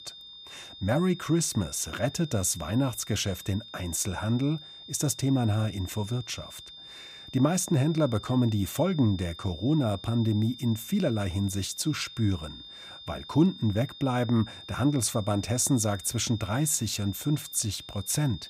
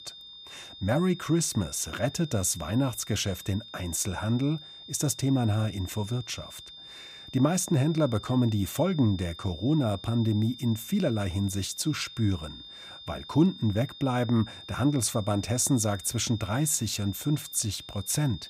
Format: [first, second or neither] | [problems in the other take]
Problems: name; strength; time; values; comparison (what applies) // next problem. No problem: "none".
neither | high-pitched whine; noticeable; throughout; 3.5 kHz, 15 dB below the speech; the same in both